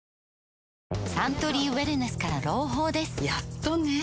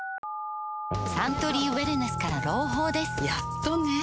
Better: first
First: none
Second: background sound (Telephone); 5 dB below the speech

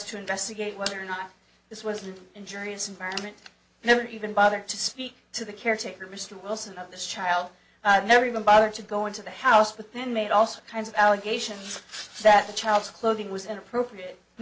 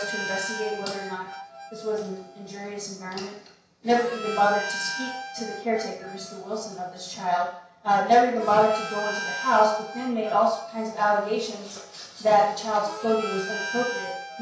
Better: first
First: none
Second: background sound (Harmonica); 11 dB below the speech // room echo; dies away in 0.6 s

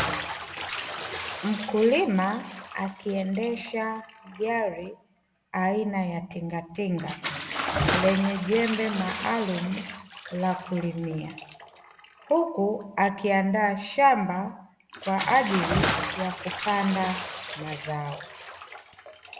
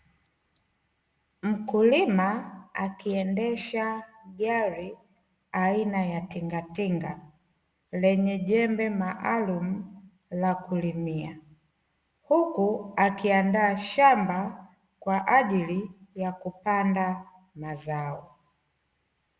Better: second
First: background sound (Bathtub (filling or washing) / Splash, splatter); 7 dB below the speech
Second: none

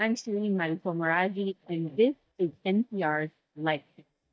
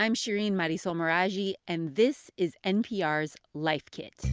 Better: second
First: noise reduction (neural mask model DeepFilterNet 3)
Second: none

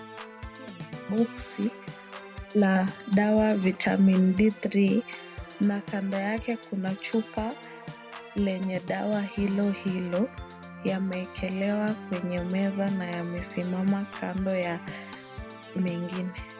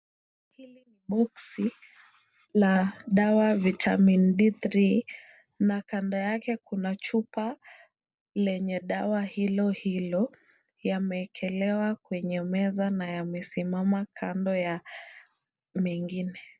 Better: second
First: background sound (Organ); 14 dB below the speech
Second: none

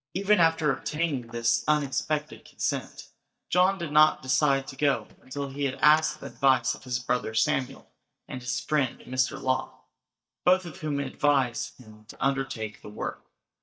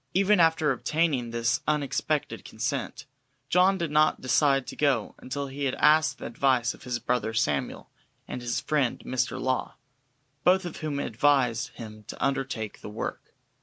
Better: second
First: noise reduction (neural mask model DeepFilterNet 3)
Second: none

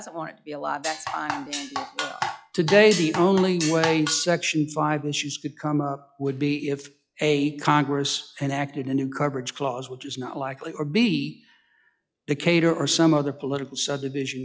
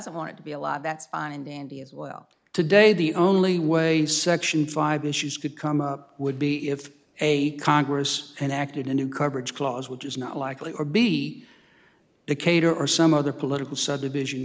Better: second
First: noise reduction (classical method log-MMSE)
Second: none

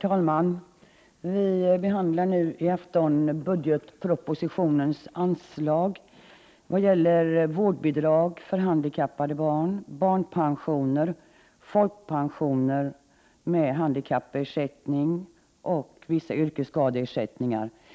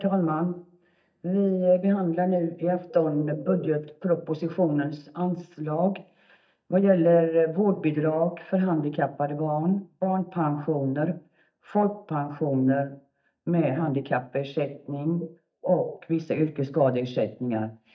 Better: first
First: none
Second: noise reduction (neural mask model DeepFilterNet 3)

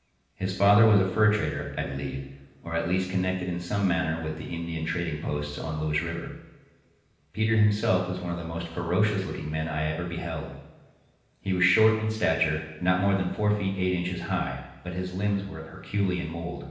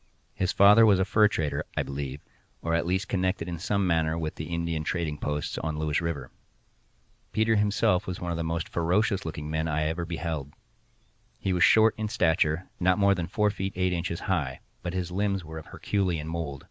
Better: second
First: room echo; dies away in 0.9 s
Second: none

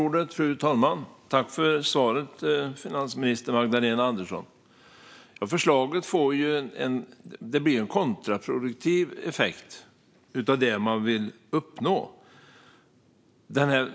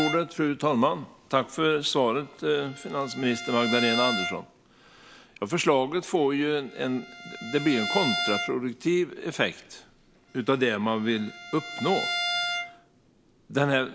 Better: first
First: none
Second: background sound (Bowed string instrument); 8 dB below the speech

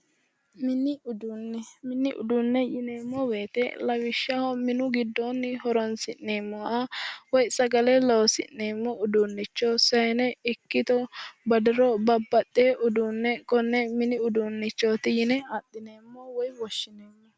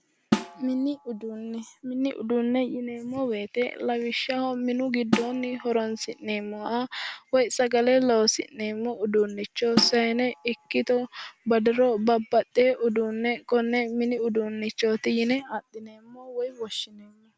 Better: first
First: none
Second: background sound (Snare drum); 8 dB below the speech

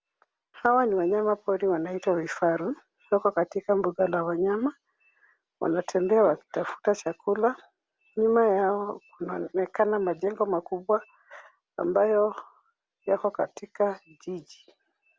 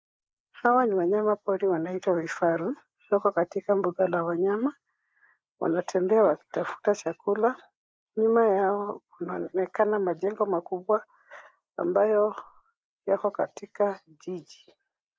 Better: first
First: none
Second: noise reduction (neural mask model Resemble Enhance denoiser)

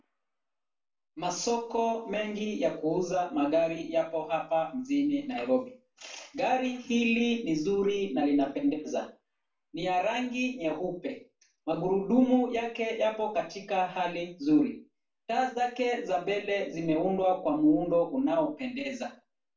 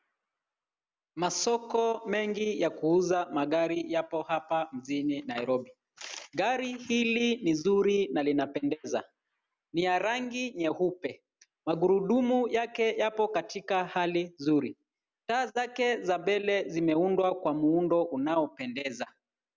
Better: second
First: room echo; dies away in 0.3 s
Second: none

